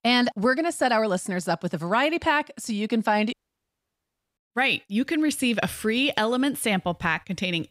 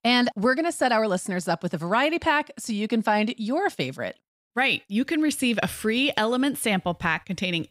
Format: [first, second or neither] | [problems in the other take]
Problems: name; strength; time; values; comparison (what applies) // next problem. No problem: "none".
second | audio cutting out; at 3.5 s for 1 s